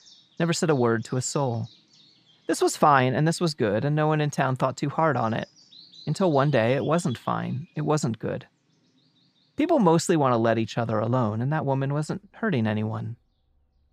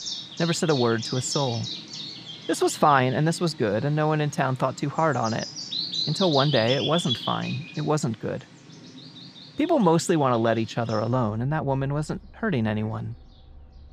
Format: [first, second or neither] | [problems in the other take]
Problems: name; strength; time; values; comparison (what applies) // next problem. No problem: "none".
first | animal sounds; loud; throughout; 7 dB below the speech; faint in the first